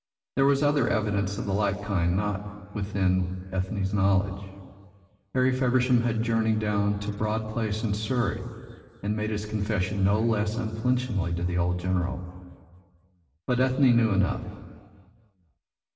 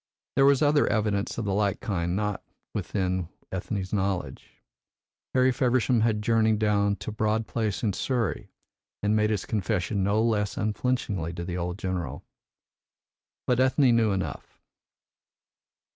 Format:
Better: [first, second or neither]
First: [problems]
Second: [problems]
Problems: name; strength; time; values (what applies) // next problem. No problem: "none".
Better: second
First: room echo; dies away in 2.1 s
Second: none